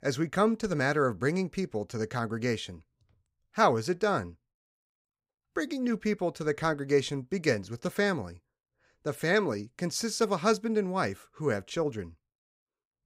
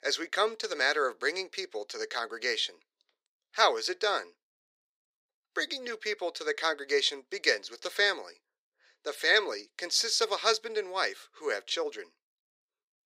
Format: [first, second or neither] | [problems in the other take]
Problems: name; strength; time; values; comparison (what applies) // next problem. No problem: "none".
first | thin; very; fading below 350 Hz